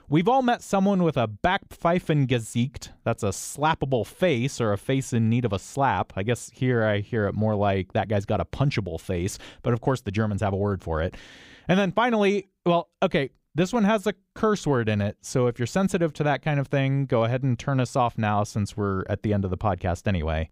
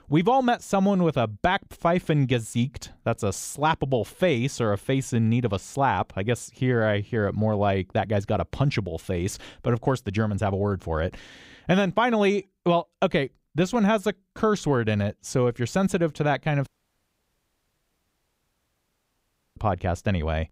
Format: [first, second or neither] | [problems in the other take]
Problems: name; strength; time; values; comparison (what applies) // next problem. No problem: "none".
first | audio cutting out; at 17 s for 3 s